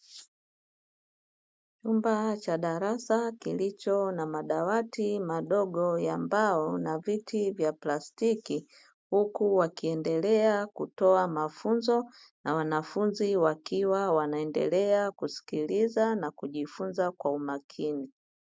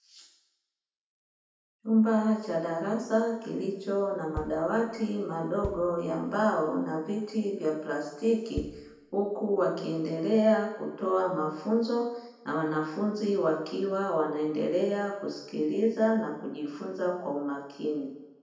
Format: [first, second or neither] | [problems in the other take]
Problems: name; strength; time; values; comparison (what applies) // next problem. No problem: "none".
first | background sound (Bass drum); 12 dB below the speech // room echo; dies away in 0.9 s